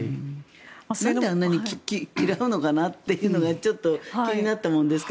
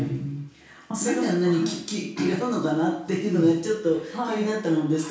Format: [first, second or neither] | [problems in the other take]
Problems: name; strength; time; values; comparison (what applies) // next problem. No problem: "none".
first | room echo; dies away in 0.6 s